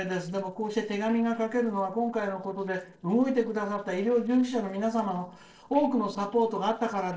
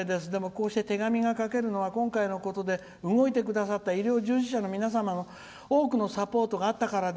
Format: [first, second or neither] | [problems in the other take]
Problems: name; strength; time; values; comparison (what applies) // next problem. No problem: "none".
second | noise reduction (neural separator model SepFormer DNS4)